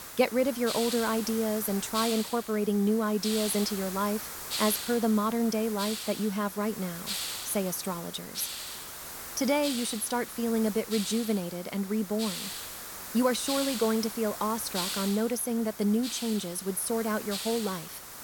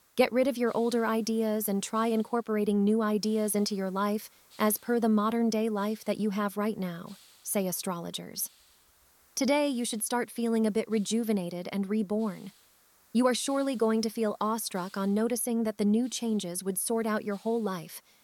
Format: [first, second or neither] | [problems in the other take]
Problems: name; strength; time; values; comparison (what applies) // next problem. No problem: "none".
second | hiss; loud; throughout; 7 dB below the speech; faint in the second